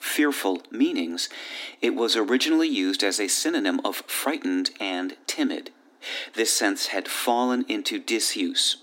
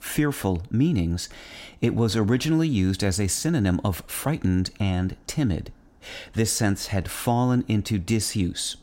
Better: second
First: thin; somewhat; fading below 250 Hz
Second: none

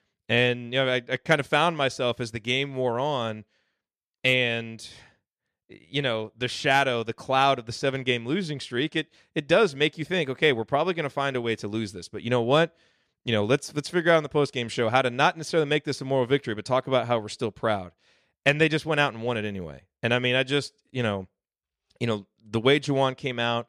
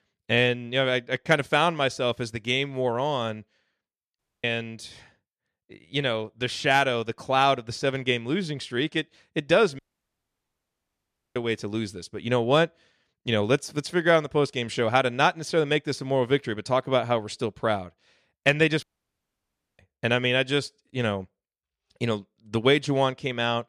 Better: first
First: none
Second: audio cutting out; at 4 s, at 10 s for 1.5 s and at 19 s for 1 s

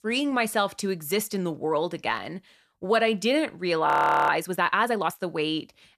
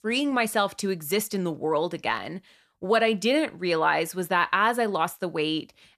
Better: second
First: audio freezing; at 4 s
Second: none

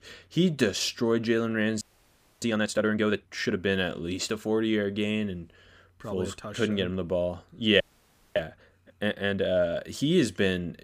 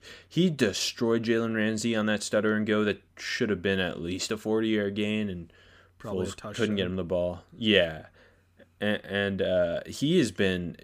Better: second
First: audio freezing; at 2 s for 0.5 s and at 8 s for 0.5 s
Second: none

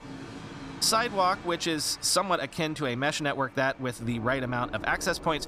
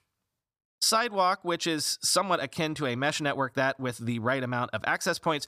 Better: second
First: train or aircraft noise; noticeable; throughout; 15 dB below the speech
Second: none

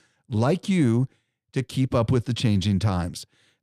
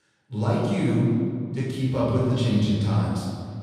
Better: first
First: none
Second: off-mic speech; far // room echo; strong; dies away in 1.8 s

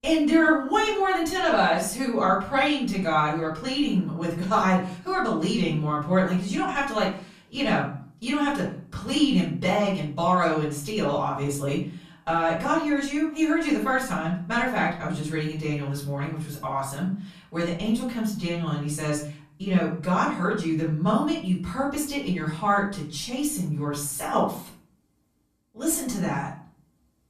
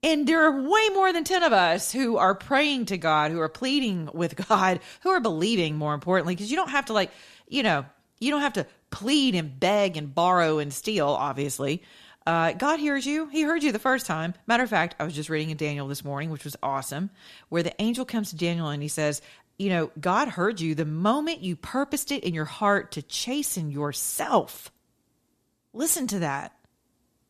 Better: second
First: room echo; slight; dies away in 0.5 s // off-mic speech; far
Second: none

